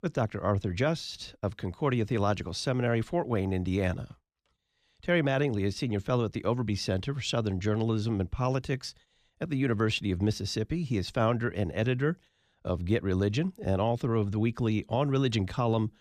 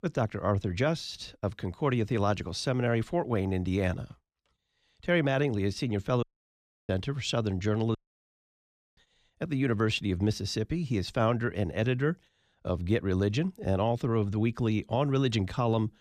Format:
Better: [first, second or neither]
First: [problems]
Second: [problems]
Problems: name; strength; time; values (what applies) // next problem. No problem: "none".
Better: first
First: none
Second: audio cutting out; at 6 s for 0.5 s and at 8 s for 1 s